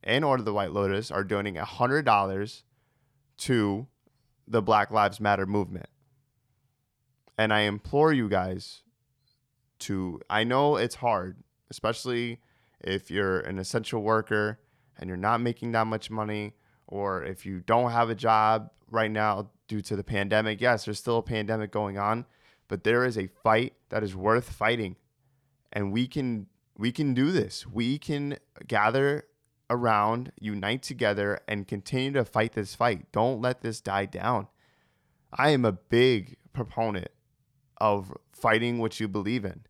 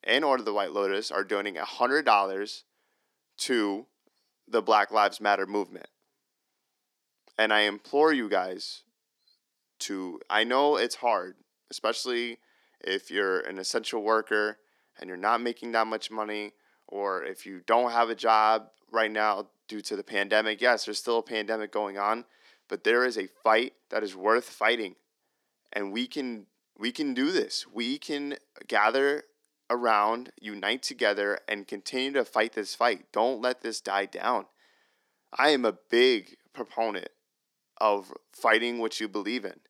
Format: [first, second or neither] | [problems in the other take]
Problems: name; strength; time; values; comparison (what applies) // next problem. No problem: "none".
first | thin; very slightly; fading below 250 Hz